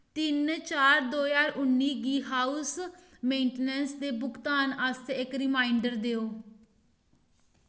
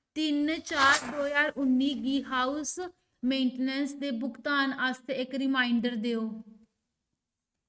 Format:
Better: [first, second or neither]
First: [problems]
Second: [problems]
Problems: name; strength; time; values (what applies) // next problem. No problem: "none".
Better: first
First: none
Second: noise reduction (neural mask model RNNoise)